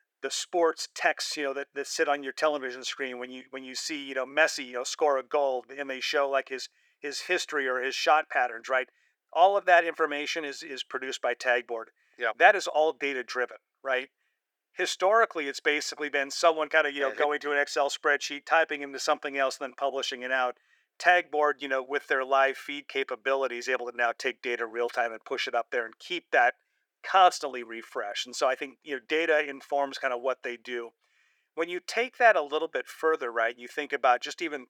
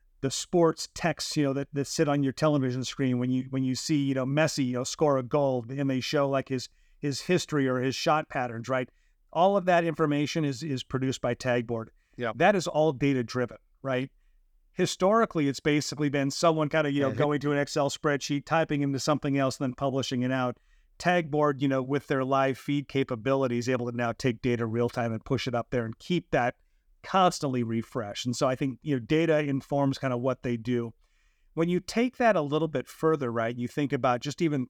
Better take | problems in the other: second | thin; very; fading below 400 Hz

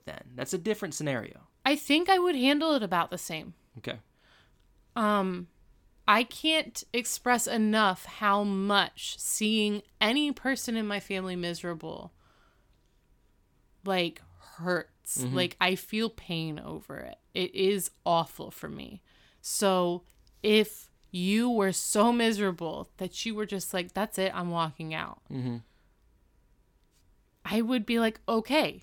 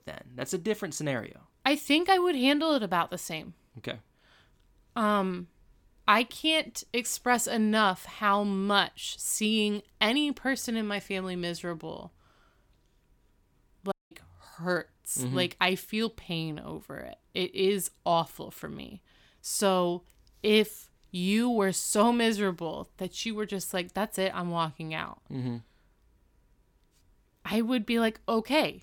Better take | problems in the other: first | audio cutting out; at 14 s

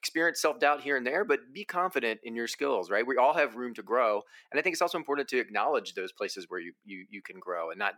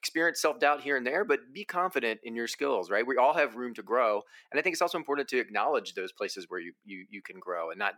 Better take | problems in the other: neither | thin; somewhat; fading below 300 Hz; the same in both

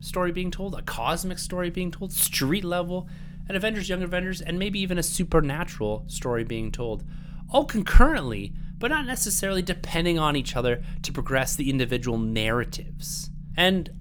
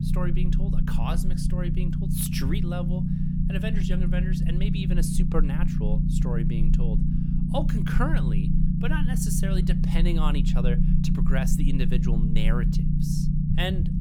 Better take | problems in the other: first | low rumble; loud; throughout; as loud as the speech; faint in the first

